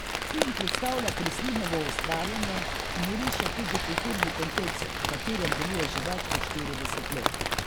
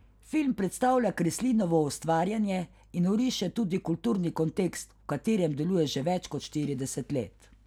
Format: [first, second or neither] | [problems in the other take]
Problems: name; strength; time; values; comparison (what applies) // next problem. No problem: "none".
second | background sound (Rain); 4 dB above the speech